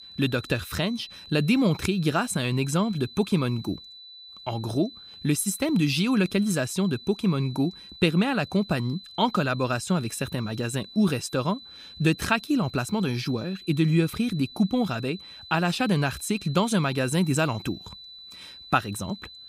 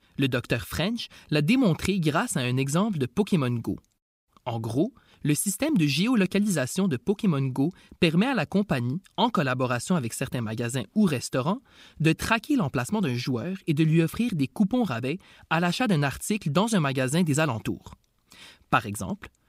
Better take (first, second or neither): second